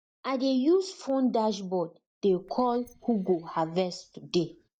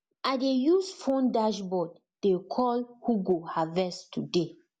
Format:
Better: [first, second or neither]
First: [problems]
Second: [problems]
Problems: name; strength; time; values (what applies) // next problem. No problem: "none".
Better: second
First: noise reduction (neural mask model DeepFilterNet 3)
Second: none